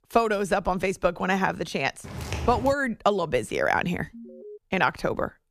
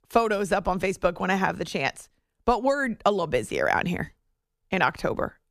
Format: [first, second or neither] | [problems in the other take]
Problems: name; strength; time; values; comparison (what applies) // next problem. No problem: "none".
second | footsteps; noticeable; at 2 s; peak 6 dB below the speech // alarm; faint; at 4 s; peak 15 dB below the speech